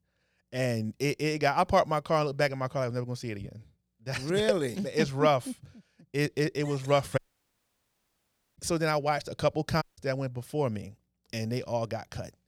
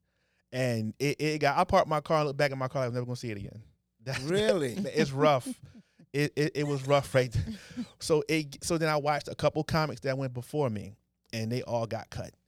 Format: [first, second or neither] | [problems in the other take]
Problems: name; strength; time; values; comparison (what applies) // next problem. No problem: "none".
second | audio cutting out; at 7 s for 1.5 s and at 10 s